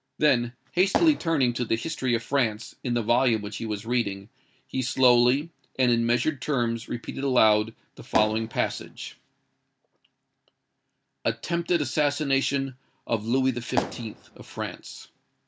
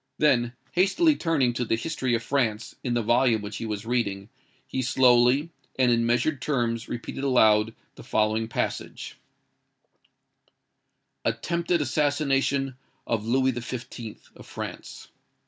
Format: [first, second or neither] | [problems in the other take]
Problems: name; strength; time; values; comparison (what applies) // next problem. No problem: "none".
second | background sound (Fireworks); 6 dB below the speech